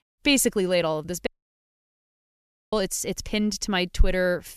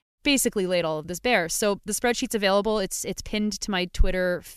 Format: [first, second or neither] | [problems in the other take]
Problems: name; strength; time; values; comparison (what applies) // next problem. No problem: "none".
second | audio cutting out; at 1.5 s for 1.5 s